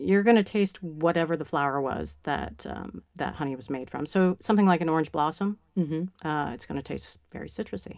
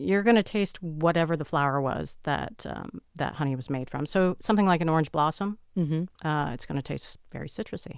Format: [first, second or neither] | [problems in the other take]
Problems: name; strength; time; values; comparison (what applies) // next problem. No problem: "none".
second | room echo; dies away in 0.3 s